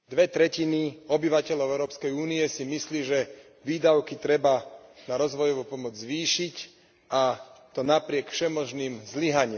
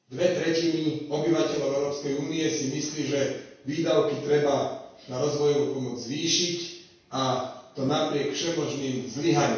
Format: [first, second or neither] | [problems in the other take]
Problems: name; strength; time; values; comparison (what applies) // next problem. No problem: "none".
first | room echo; dies away in 0.6 s